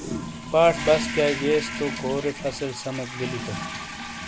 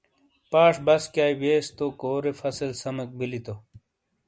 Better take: second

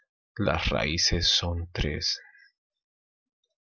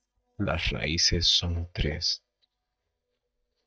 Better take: first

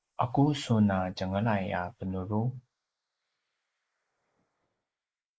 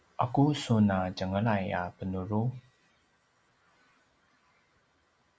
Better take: second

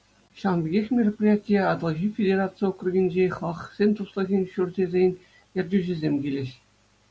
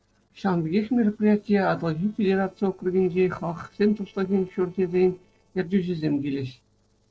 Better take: first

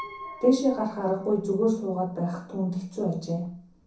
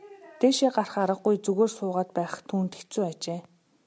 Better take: second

